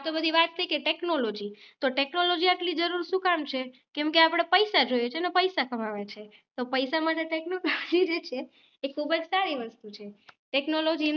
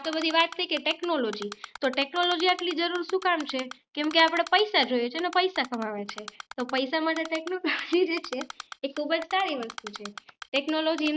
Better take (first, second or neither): first